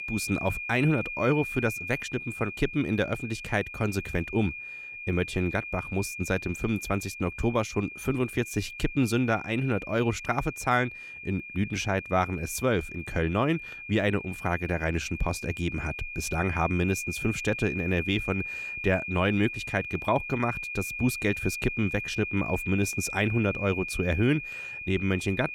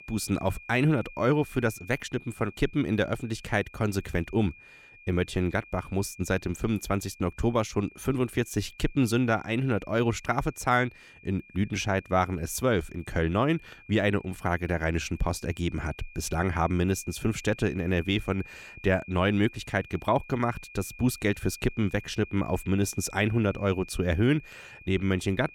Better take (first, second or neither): second